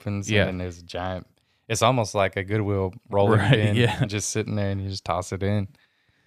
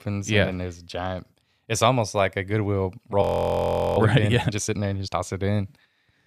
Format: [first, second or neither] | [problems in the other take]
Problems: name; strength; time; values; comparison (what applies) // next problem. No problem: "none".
first | audio freezing; at 3 s for 1 s